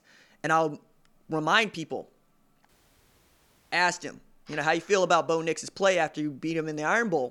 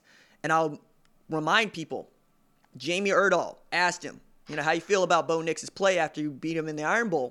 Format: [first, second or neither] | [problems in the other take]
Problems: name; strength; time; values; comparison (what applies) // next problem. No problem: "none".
second | audio cutting out; at 2.5 s for 1 s